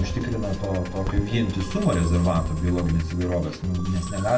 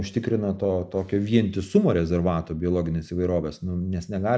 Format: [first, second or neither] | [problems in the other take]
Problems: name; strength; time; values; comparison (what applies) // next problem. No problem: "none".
second | background sound (Musical instrument); 8 dB below the speech // room echo; dies away in 0.3 s